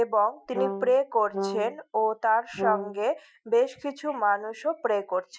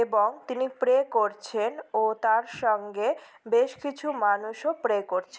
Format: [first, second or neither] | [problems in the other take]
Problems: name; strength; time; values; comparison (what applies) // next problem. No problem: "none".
second | noise reduction (classical method Wiener filter)